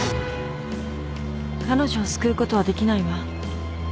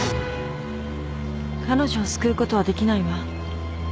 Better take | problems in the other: second | background sound (Bass drum / Snare drum); 17 dB below the speech

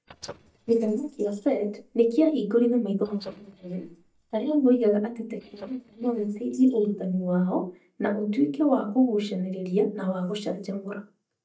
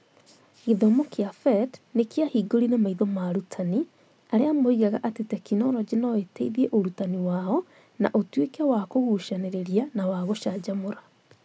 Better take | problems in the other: second | noise reduction (neural mask model DeepFilterNet 3)

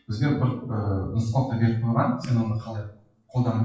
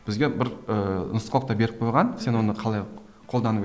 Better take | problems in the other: second | noise reduction (classical method WPE with log-MMSE)

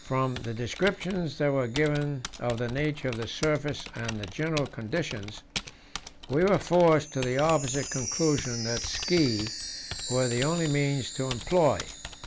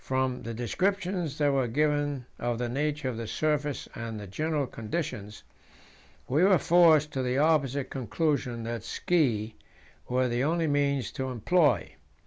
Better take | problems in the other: second | background sound (Typing + Chime); 10 dB below the speech

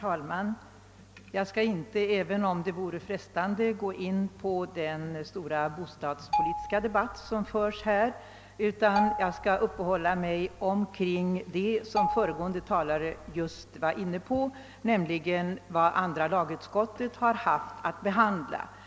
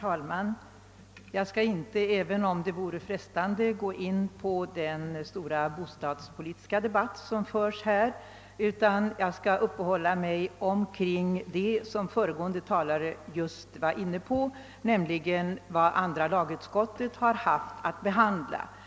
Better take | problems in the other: second | background sound (Marimba, xylophone); 5 dB below the speech

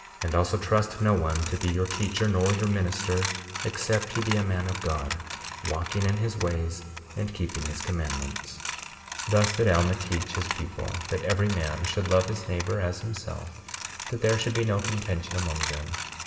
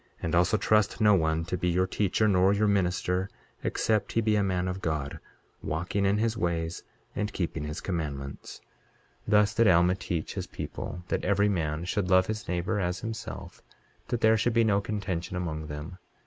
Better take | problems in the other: second | background sound (Coin (dropping)); 9 dB below the speech // room echo; dies away in 2.6 s

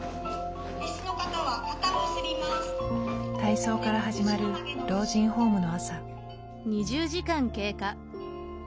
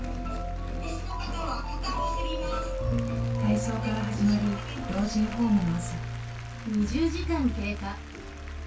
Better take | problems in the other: first | background sound (Applause); 19 dB below the speech // room echo; dies away in 0.2 s

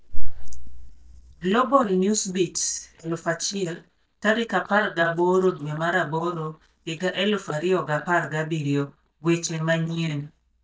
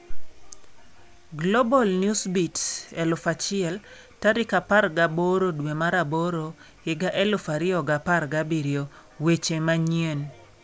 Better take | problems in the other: second | noise reduction (neural mask model DeepFilterNet 3)

